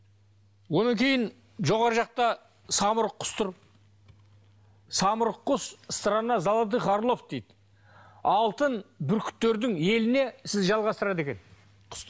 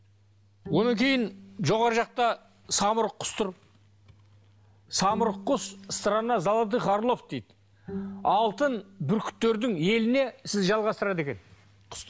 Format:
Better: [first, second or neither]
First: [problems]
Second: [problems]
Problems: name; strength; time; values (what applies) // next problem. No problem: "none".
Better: first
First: none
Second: background sound (Bowed string instrument); 15 dB below the speech